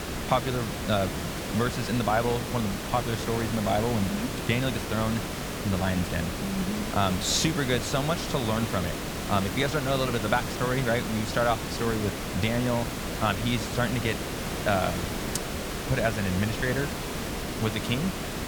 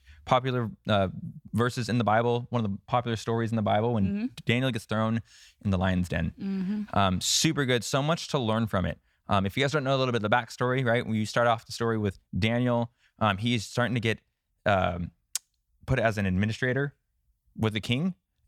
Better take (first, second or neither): second